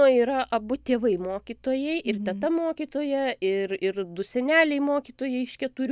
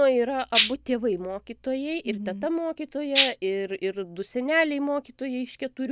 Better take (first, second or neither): first